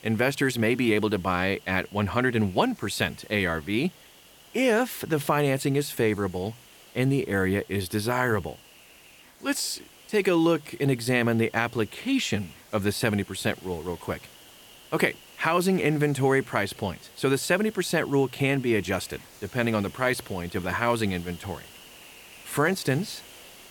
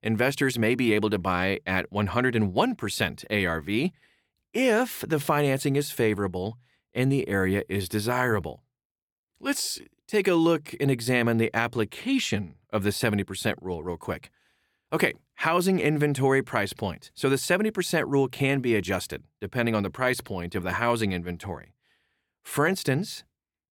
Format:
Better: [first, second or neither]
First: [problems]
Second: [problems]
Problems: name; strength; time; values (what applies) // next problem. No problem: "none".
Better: second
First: hiss; faint; throughout; 20 dB below the speech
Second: none